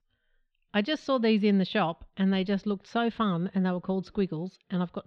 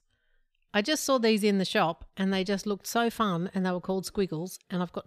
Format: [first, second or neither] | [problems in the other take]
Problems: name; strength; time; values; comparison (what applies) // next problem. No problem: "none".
second | muffled; slightly; fading above 3.5 kHz